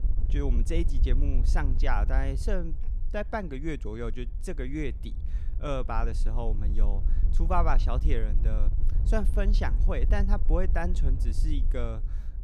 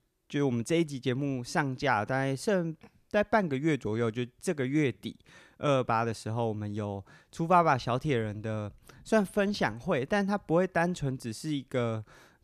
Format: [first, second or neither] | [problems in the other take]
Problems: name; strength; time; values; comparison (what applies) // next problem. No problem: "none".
second | wind noise on the microphone; occasional gusts; 15 dB below the speech